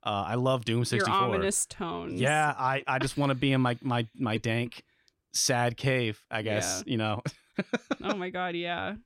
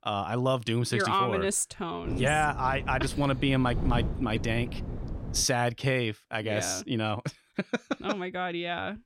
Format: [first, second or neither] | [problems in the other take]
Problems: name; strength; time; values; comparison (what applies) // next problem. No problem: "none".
first | wind noise on the microphone; occasional gusts; from 2 to 5.5 s; 15 dB below the speech